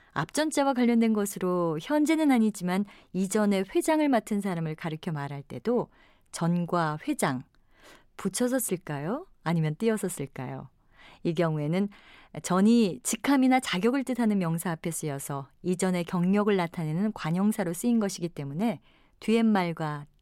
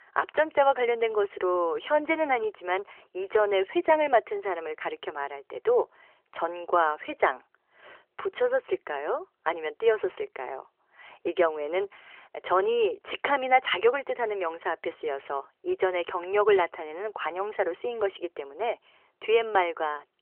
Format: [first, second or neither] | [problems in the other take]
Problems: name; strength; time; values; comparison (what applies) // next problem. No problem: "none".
first | phone-call audio; nothing above 3 kHz